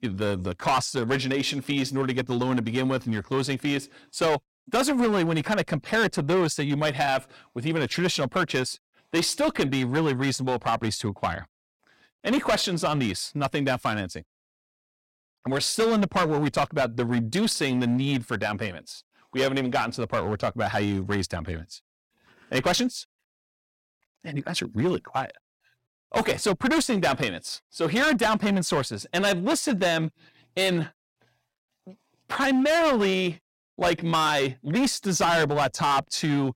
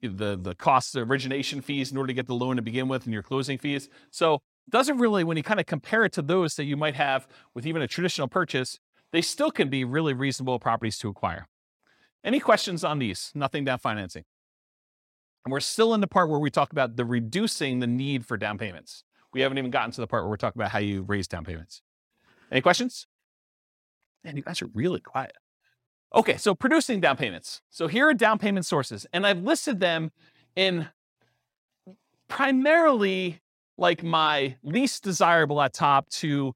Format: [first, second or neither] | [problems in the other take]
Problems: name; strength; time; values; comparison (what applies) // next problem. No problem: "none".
second | distortion; heavy; 9% of the sound clipped